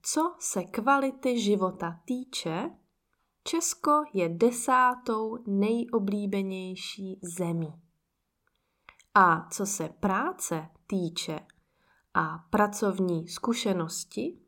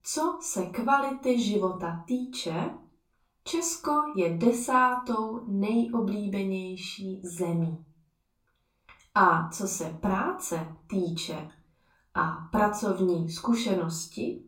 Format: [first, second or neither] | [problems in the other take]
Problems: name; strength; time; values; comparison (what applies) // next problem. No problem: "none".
first | room echo; slight; dies away in 0.3 s // off-mic speech; far